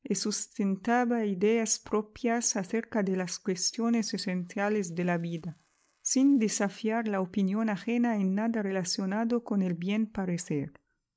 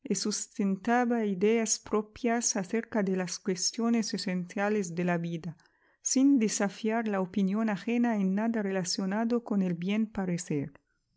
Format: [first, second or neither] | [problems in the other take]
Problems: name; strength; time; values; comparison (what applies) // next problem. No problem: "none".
second | noise reduction (neural mask model Resemble Enhance denoiser)